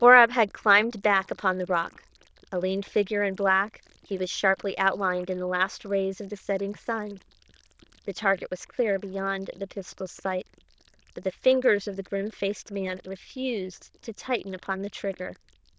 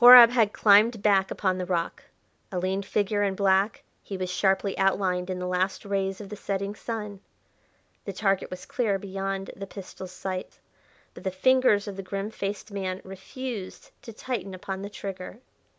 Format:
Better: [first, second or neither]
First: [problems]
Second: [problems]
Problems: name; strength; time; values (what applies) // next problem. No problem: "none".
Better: second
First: noise reduction (neural diffusion model UNIVERSE++)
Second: none